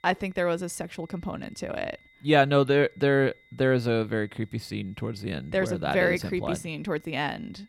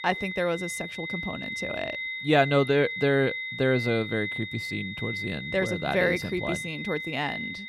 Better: first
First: high-pitched whine; faint; throughout; 2 kHz, 30 dB below the speech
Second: high-pitched whine; loud; throughout; 2 kHz, 5 dB below the speech

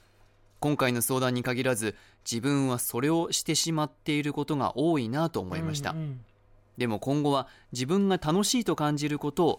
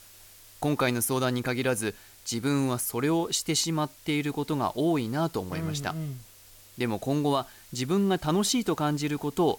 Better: first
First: none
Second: hiss; faint; throughout; 20 dB below the speech

